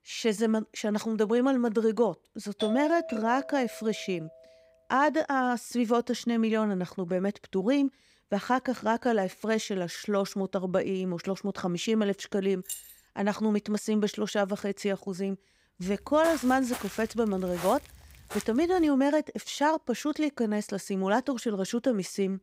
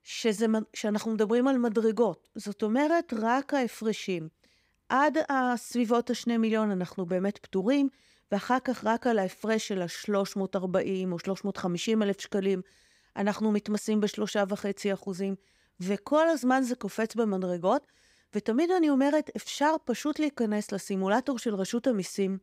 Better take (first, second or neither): second